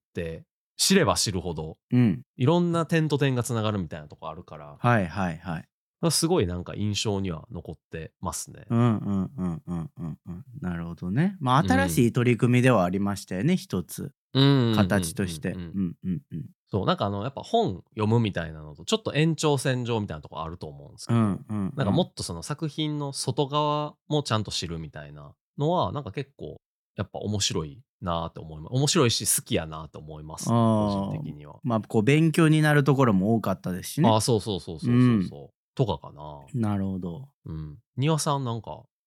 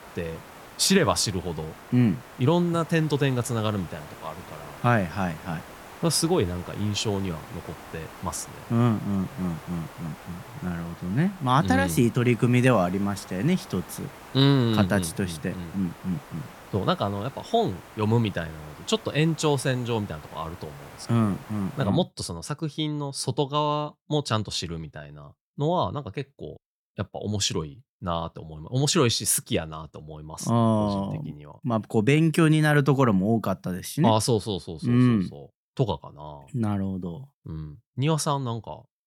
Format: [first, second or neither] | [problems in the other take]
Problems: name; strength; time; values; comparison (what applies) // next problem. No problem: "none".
first | hiss; noticeable; until 22 s; 20 dB below the speech